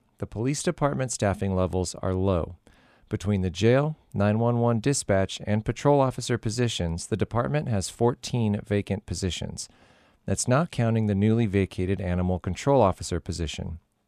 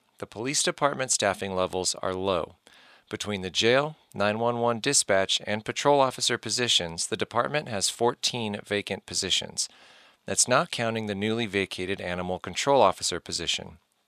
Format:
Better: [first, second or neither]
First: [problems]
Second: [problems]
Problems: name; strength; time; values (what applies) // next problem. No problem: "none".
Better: first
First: none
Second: thin; somewhat; fading below 950 Hz